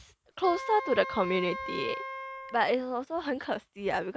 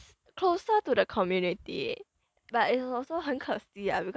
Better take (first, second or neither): second